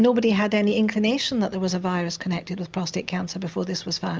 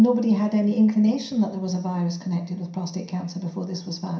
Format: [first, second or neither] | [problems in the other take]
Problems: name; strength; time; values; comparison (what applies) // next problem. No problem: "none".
first | room echo; dies away in 0.5 s